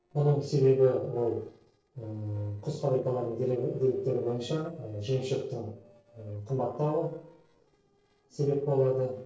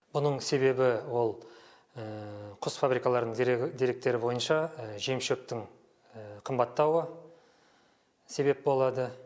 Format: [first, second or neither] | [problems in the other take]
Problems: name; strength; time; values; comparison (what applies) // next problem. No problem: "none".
second | noise reduction (neural separator model SepFormer DNS4)